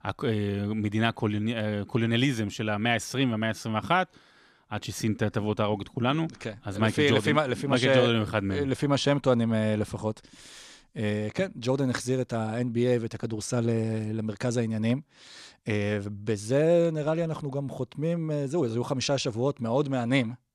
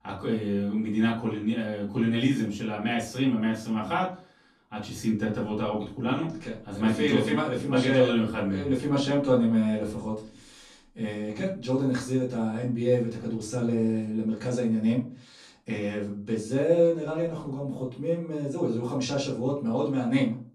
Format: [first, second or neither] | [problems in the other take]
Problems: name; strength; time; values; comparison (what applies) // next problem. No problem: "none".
first | off-mic speech; far // room echo; slight; dies away in 0.3 s